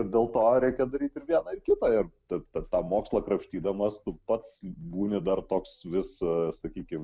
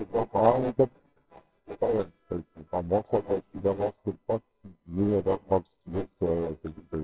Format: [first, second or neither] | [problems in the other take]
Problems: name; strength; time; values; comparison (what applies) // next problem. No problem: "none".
first | noise reduction (neural separator model SepFormer WHAMR!)